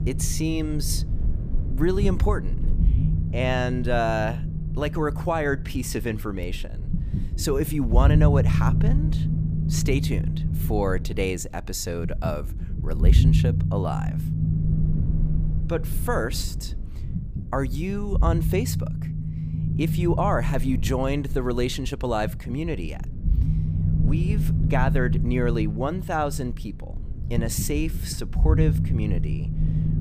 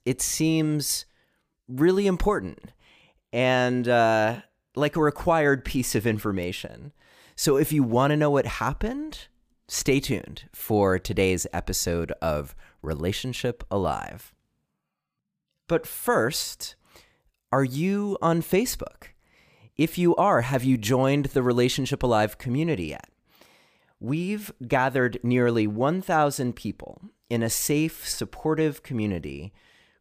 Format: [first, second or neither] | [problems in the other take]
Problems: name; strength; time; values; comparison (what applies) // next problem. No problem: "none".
second | low rumble; loud; throughout; 9 dB below the speech